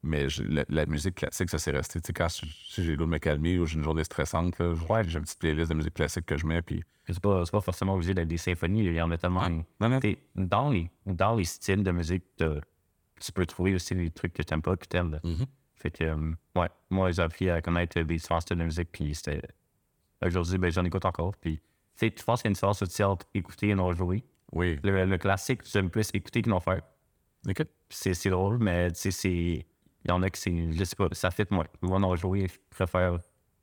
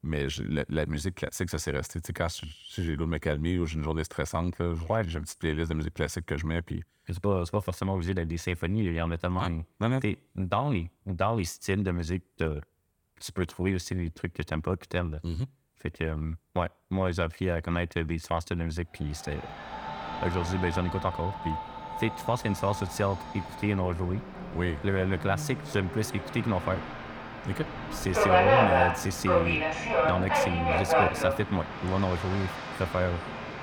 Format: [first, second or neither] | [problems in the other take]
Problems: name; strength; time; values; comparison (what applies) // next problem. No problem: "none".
first | train or aircraft noise; very loud; from 20 s on; 1 dB above the speech